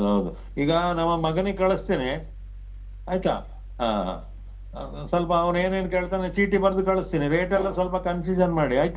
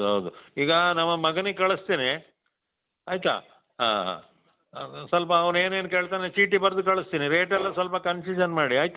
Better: second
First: background sound (Mechanical fan); 14 dB below the speech // room echo; dies away in 0.3 s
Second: none

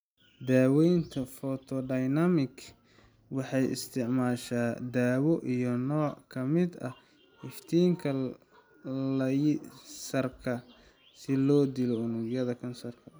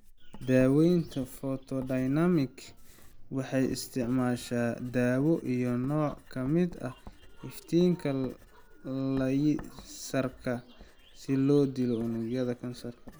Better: first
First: none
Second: background sound (Writing); 19 dB below the speech

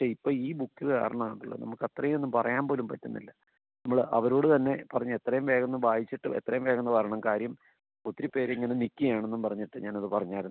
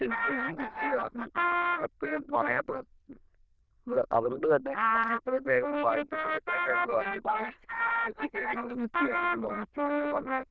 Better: first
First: none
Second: noise reduction (neural diffusion model UNIVERSE++)

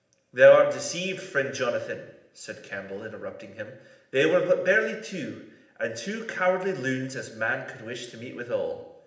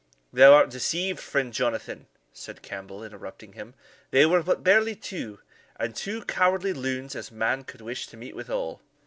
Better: second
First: room echo; dies away in 0.8 s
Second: none

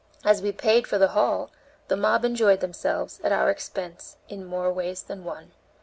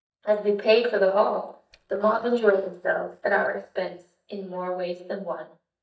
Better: first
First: none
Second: noise reduction (neural mask model DeepFilterNet 3)

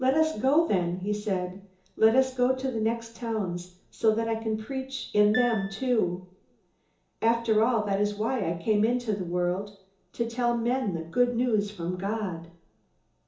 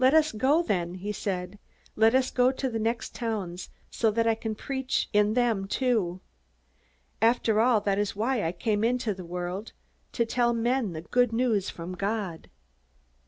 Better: second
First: background sound (Piano); 11 dB below the speech // room echo; dies away in 0.7 s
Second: none

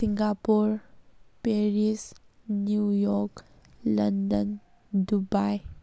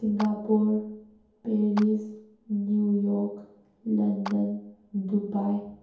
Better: first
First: none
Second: background sound (Clapping); 19 dB below the speech // room echo; dies away in 0.7 s

